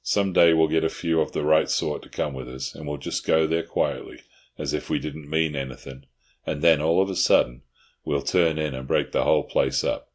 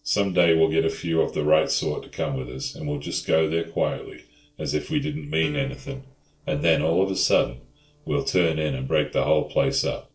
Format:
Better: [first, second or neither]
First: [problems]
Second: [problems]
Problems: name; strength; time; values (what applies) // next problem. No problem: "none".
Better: first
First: none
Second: noise reduction (neural separator model SepFormer DNS4)